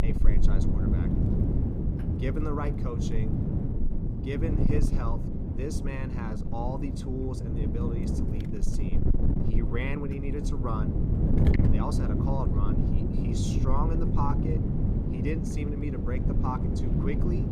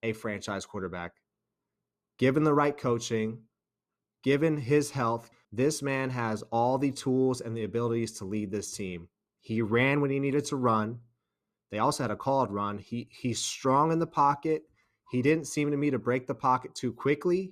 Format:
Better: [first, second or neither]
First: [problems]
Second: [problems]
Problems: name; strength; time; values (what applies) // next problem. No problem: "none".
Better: second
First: wind noise on the microphone; heavy; as loud as the speech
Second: none